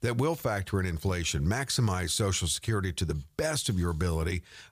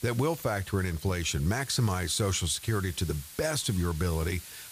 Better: first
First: none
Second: hiss; noticeable; throughout; 15 dB below the speech

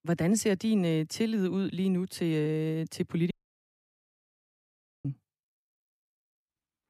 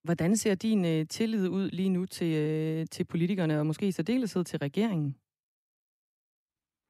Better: second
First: audio cutting out; at 3.5 s for 1.5 s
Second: none

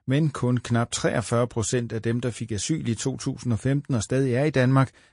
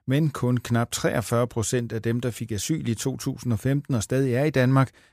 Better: second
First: garbled, watery; slightly; nothing above 10.5 kHz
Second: none

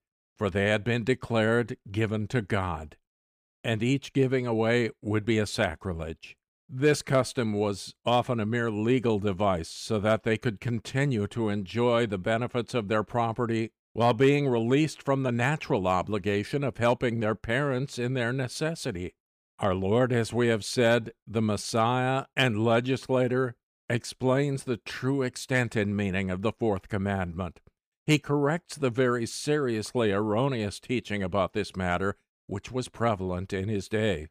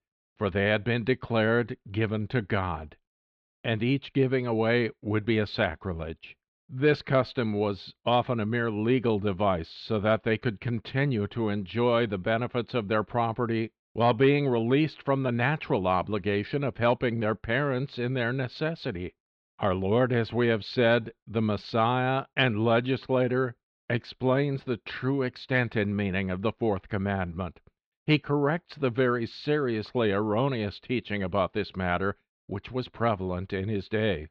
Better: first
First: none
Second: muffled; very slightly; fading above 4 kHz

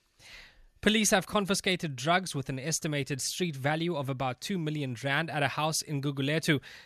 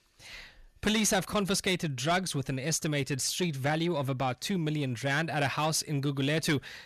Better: first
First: none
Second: distortion; slight; 10 dB below the speech

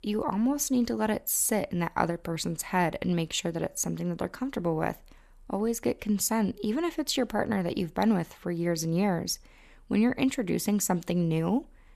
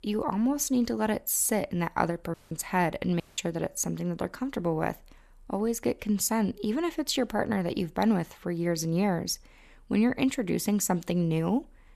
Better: first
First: none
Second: audio cutting out; at 2.5 s and at 3 s

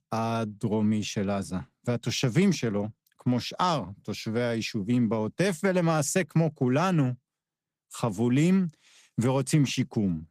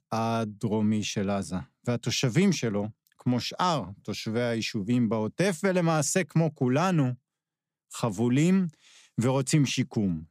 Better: second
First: garbled, watery; slightly; nothing above 15 kHz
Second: none

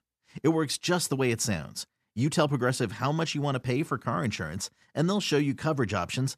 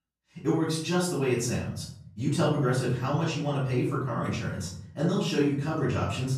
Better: first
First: none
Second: off-mic speech; far // room echo; noticeable; dies away in 0.8 s

